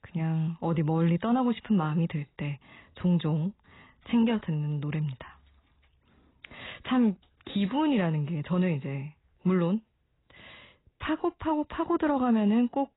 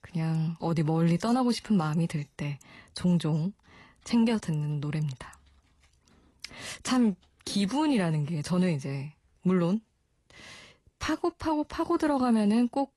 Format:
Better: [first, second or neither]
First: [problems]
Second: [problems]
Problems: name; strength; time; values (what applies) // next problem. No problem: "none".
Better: second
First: garbled, watery; badly; nothing above 4 kHz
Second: garbled, watery; slightly; nothing above 11 kHz